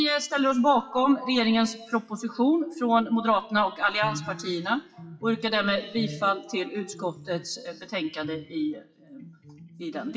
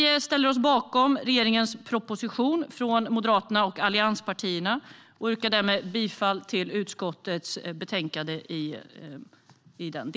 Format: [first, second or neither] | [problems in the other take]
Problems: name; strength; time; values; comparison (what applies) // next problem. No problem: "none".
second | noise reduction (classical method WPE with log-MMSE)